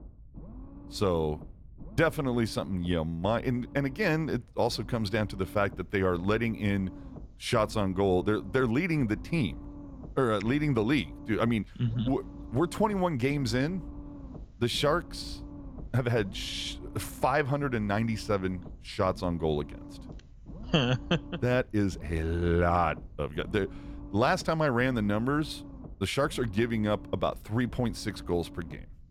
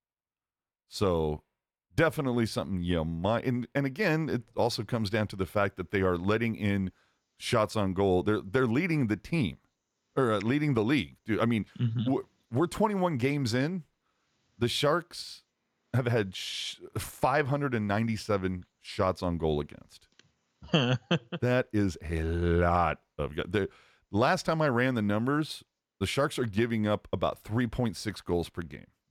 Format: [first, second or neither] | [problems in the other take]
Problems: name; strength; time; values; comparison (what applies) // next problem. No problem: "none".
second | low rumble; faint; throughout; 20 dB below the speech